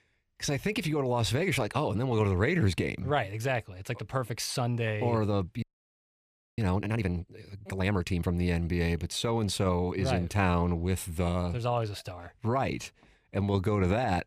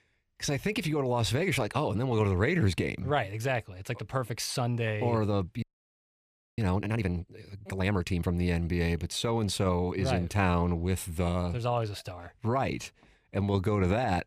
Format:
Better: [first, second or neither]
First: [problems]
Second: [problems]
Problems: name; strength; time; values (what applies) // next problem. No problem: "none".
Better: neither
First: audio freezing; at 5.5 s for 1 s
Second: audio freezing; at 5.5 s for 1 s